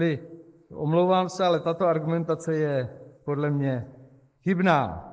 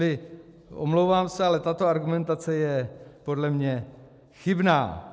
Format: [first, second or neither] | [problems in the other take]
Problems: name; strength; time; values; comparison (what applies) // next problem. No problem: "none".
second | noise reduction (neural mask model Resemble Enhance denoiser)